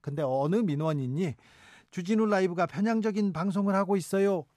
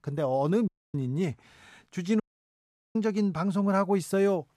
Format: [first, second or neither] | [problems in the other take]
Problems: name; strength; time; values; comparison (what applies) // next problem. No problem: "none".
first | audio cutting out; at 0.5 s and at 2 s for 1 s